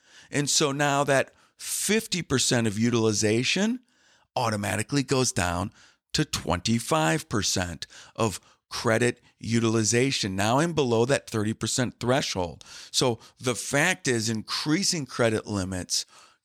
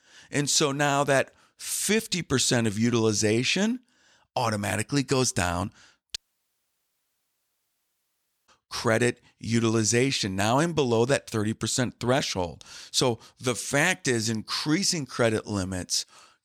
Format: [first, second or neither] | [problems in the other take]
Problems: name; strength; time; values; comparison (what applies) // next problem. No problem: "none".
first | audio cutting out; at 6 s for 2.5 s